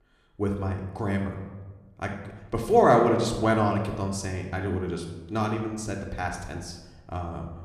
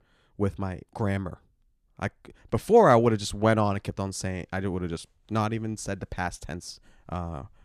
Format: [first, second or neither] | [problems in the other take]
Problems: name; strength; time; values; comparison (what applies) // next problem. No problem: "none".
second | room echo; slight; dies away in 0.9 s // off-mic speech; somewhat distant